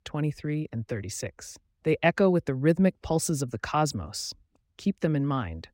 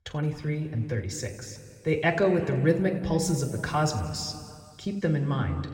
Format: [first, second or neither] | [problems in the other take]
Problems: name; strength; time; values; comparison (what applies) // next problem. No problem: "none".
first | room echo; noticeable; dies away in 2.4 s // off-mic speech; somewhat distant